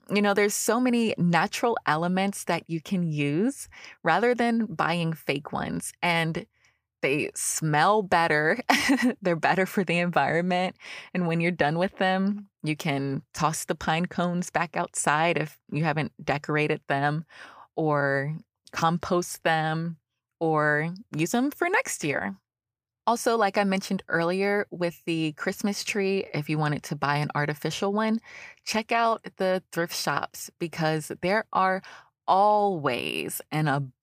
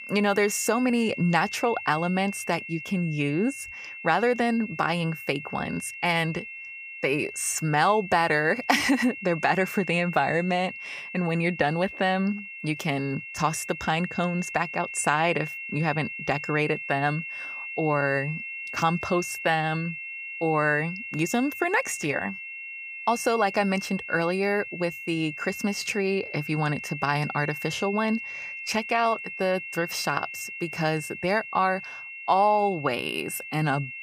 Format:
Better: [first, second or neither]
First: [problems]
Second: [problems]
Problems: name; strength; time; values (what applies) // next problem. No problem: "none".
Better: first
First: none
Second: high-pitched whine; loud; throughout; 2.5 kHz, 9 dB below the speech